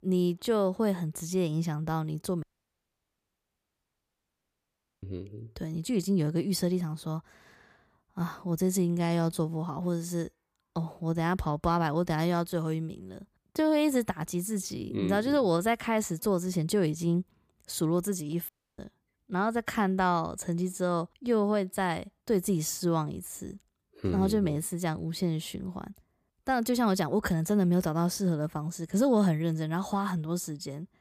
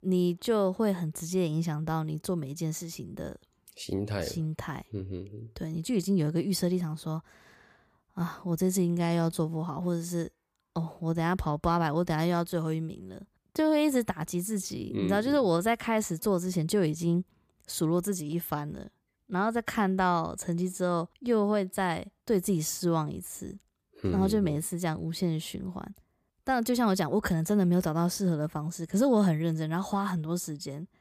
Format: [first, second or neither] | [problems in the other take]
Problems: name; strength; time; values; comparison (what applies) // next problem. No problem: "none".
second | audio cutting out; at 2.5 s for 2.5 s and at 18 s